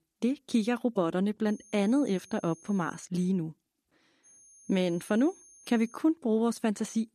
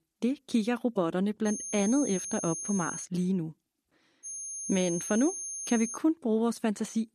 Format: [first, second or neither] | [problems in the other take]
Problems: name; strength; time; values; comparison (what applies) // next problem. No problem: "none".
first | high-pitched whine; loud; from 1.5 to 3 s and from 4.5 to 6 s; 6.5 kHz, 6 dB below the speech; faint in the first